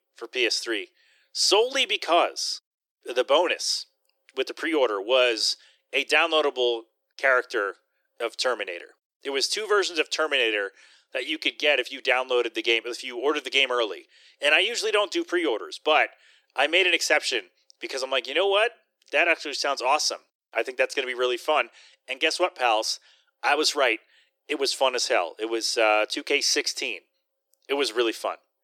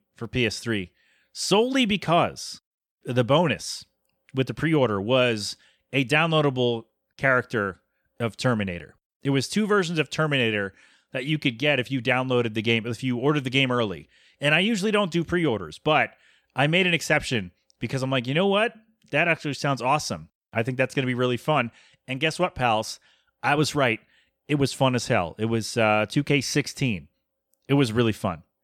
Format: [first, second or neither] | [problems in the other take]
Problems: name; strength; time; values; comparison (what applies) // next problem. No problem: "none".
second | thin; very; fading below 350 Hz